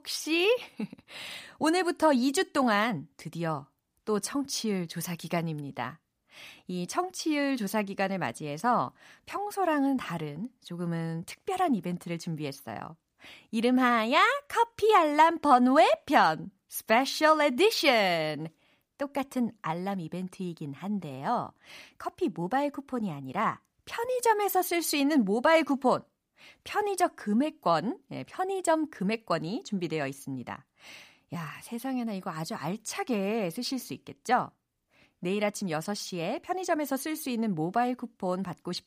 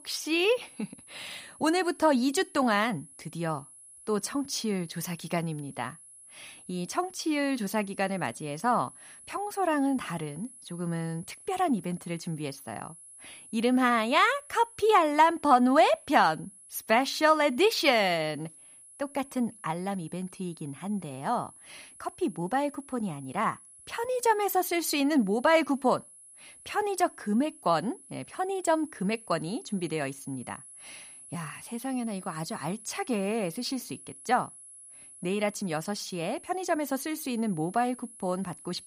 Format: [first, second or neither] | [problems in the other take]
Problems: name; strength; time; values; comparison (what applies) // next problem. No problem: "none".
first | high-pitched whine; noticeable; throughout; 10.5 kHz, 20 dB below the speech